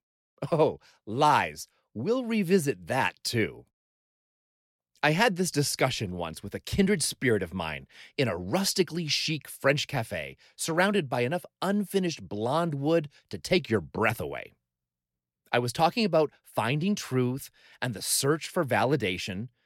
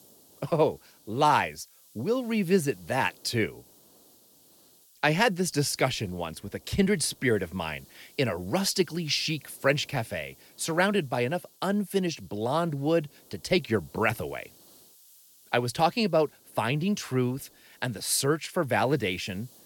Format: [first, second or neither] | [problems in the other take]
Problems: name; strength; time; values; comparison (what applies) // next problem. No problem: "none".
first | hiss; faint; throughout; 25 dB below the speech